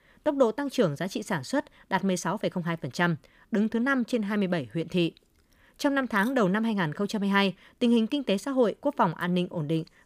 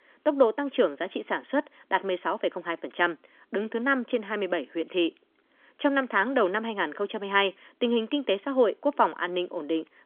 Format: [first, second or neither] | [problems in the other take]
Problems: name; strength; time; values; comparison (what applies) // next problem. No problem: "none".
first | phone-call audio; nothing above 3.5 kHz